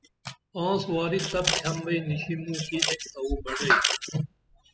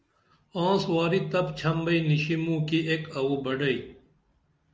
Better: second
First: noise reduction (classical method spectral subtraction)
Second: none

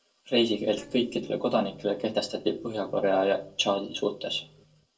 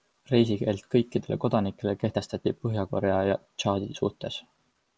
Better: second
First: noise reduction (neural separator model SepFormer DNS4)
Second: none

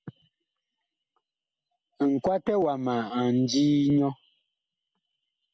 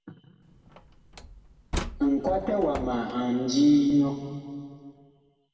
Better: first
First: none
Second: background sound (Slam); 12 dB below the speech // room echo; dies away in 2.2 s

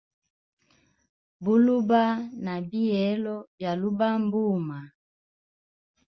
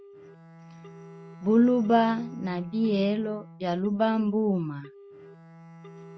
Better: first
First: none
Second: background sound (Telephone + Bowed string instrument); 19 dB below the speech

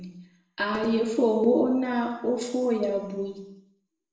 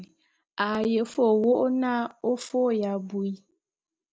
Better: second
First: room echo; dies away in 0.8 s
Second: none

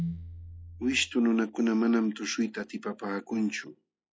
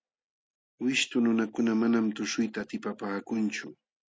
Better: second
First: noise reduction (classical method log-MMSE)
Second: none

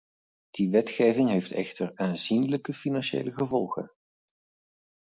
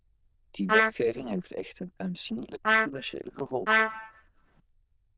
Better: first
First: none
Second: noise reduction (neural diffusion model UNIVERSE++)

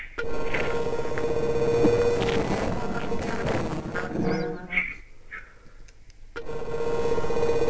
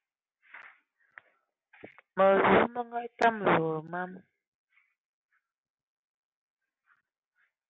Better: second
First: noise reduction (neural separator model SepFormer DNS4)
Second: none

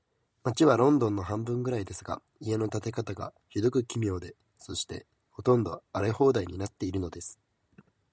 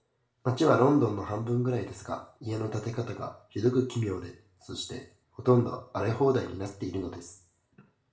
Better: first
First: none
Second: room echo; dies away in 0.4 s

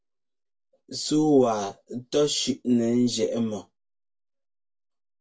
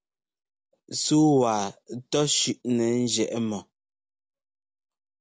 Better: second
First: room echo; dies away in 0.1 s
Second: none

